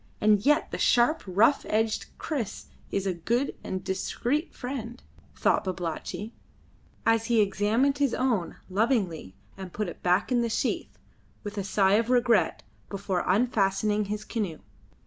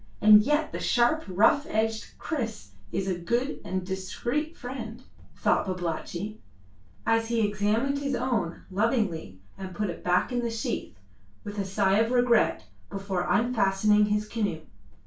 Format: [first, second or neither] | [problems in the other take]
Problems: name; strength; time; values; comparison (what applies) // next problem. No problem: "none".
first | room echo; dies away in 0.2 s